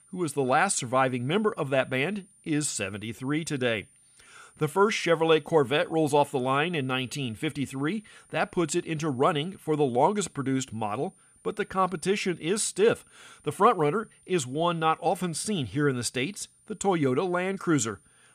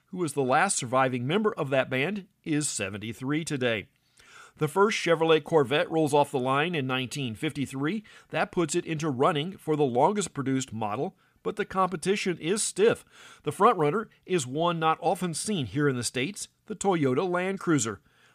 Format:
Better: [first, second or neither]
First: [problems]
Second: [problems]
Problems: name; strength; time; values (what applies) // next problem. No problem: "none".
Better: second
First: high-pitched whine; faint; throughout; 9 kHz, 30 dB below the speech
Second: none